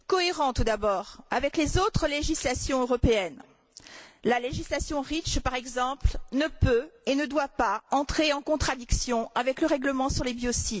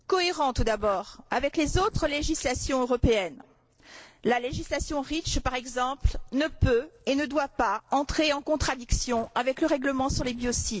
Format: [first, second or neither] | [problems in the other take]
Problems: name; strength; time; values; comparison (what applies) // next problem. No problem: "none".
first | noise reduction (neural separator model SepFormer DNS4)